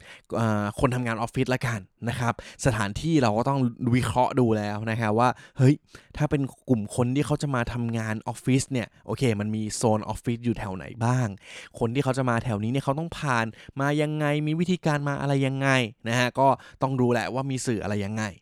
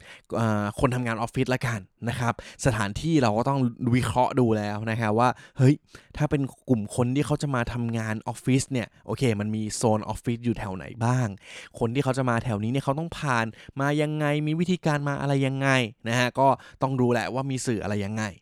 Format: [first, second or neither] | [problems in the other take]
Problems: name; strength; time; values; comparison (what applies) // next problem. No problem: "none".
neither | none